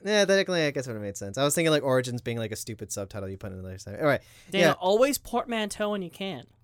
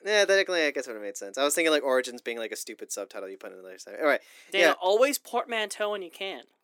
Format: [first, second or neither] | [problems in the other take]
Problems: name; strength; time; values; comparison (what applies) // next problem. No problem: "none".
first | thin; somewhat; fading below 300 Hz